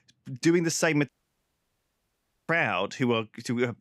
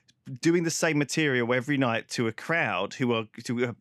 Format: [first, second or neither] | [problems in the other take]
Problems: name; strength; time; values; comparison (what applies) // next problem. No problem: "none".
second | audio cutting out; at 1 s for 1.5 s